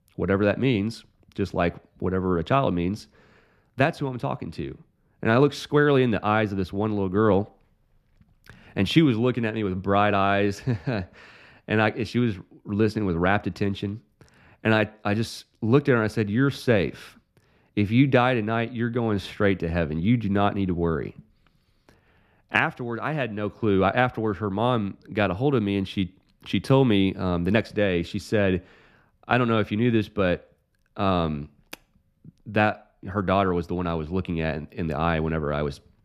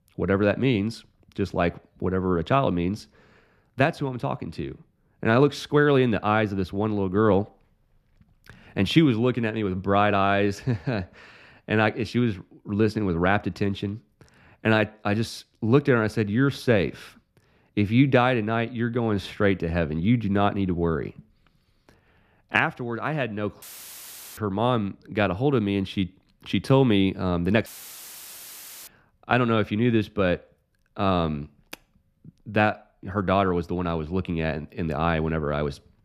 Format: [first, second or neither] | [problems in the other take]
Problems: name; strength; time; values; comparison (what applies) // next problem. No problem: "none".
first | audio cutting out; filled with static; at 24 s for 1 s and at 28 s for 1 s